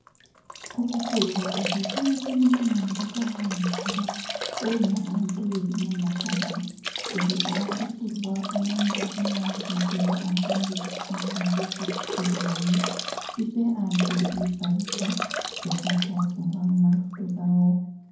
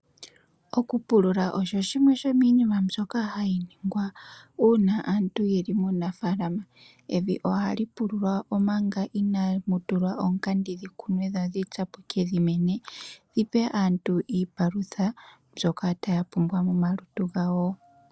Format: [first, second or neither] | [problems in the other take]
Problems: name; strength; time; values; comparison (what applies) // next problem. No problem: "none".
second | background sound (Drip / Trickle, dribble / Bathtub (filling or washing)); 7 dB below the speech // room echo; dies away in 0.9 s